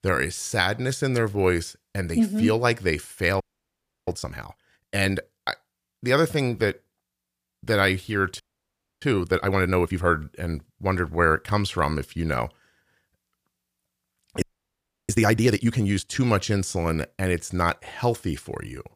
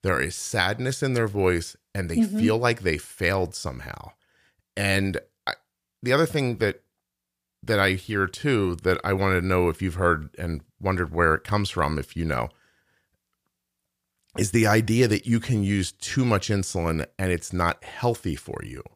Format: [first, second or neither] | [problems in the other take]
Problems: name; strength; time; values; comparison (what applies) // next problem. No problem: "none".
second | audio freezing; at 3.5 s for 0.5 s, at 8.5 s for 0.5 s and at 14 s for 0.5 s